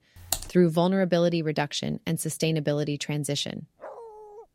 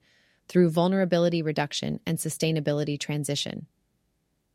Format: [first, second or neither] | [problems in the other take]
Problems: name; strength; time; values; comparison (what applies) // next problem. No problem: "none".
second | keyboard typing; noticeable; at 0.5 s; peak 5 dB below the speech // dog barking; faint; at 4 s; peak 15 dB below the speech